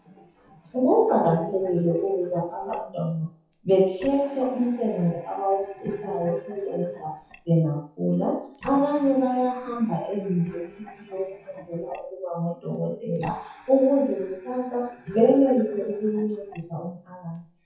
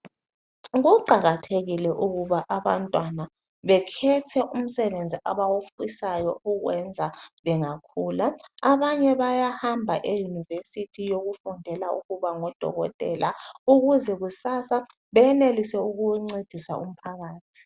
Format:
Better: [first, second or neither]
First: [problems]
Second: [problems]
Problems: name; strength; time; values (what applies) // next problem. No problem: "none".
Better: second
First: noise reduction (classical method WPE with log-MMSE)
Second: none